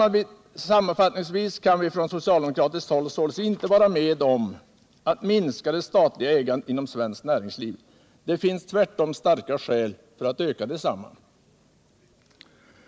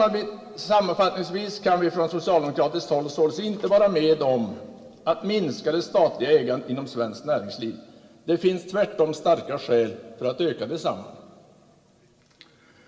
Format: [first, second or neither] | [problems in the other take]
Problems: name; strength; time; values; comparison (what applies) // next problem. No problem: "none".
first | room echo; dies away in 1.9 s